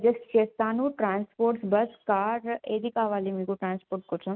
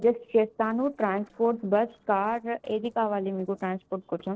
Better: first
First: none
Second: noise reduction (neural separator model SepFormer DNS4)

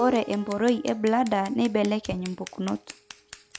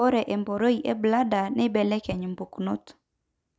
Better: second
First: background sound (Keyboard (musical) + Scissors); 18 dB below the speech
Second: none

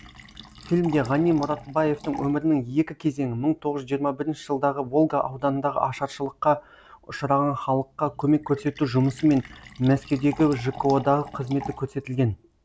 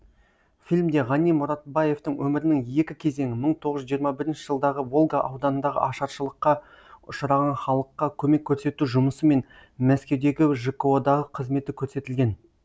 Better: second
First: background sound (Fill (with liquid)); 20 dB below the speech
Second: none

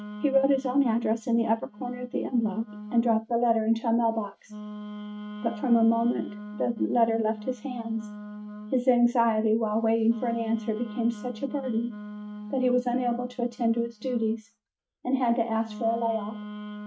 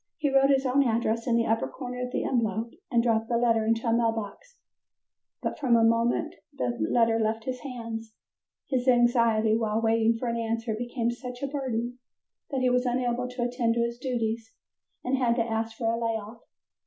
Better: second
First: noise reduction (neural mask model RNNoise)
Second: none

